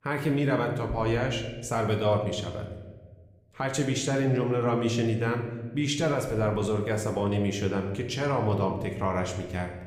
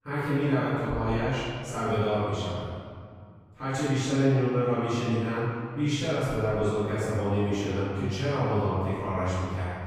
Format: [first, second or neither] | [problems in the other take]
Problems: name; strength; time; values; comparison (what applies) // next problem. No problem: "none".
first | room echo; strong; dies away in 2 s; slight in the first // off-mic speech; far